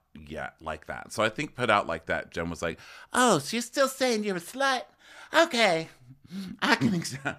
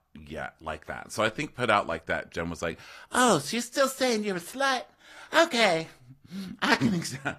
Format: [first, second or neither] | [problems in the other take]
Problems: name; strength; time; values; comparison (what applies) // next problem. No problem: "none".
first | garbled, watery; slightly; nothing above 15 kHz